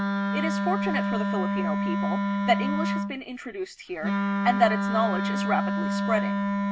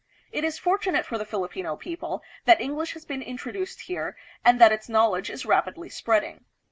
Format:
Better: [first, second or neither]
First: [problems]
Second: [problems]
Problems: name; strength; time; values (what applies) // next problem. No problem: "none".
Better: second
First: background sound (Wind instrument, woodwind instrument); 3 dB above the speech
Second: none